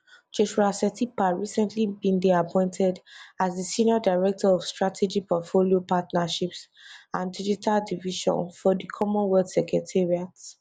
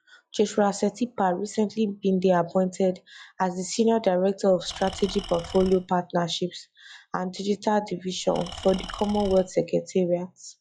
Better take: first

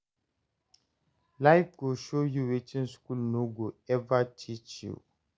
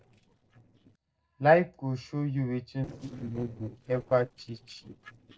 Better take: first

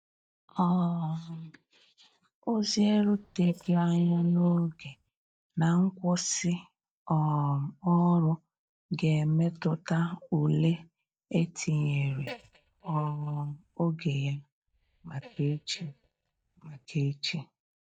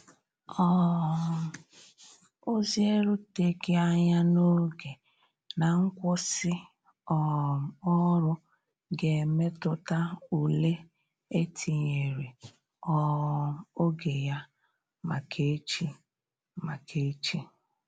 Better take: second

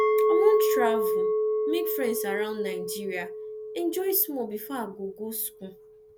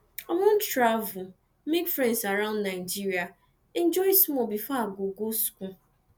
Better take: second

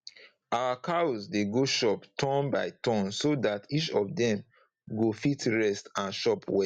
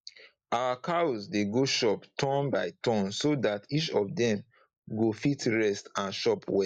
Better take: first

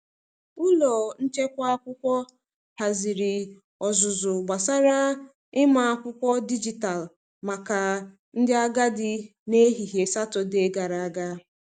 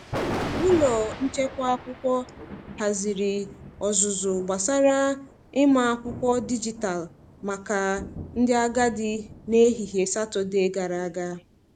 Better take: first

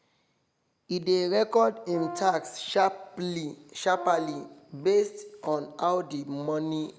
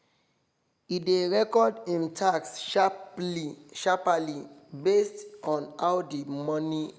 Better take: second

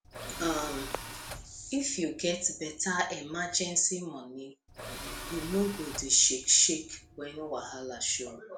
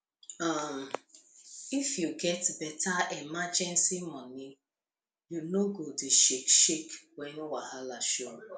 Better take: second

